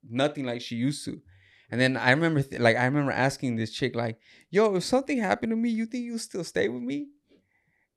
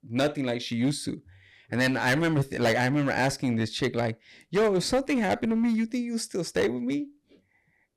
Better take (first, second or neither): first